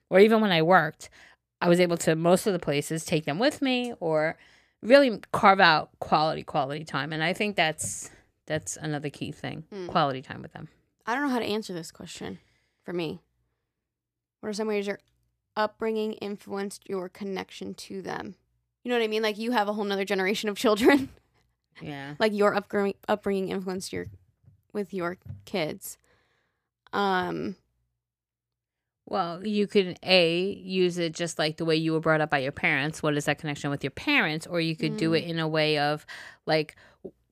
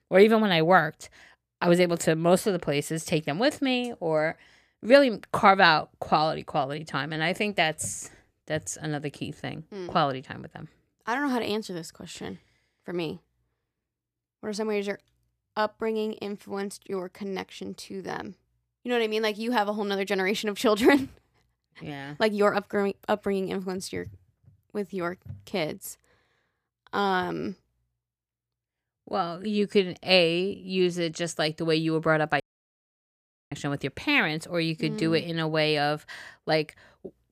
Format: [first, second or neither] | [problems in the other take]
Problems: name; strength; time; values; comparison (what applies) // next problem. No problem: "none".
first | audio cutting out; at 32 s for 1 s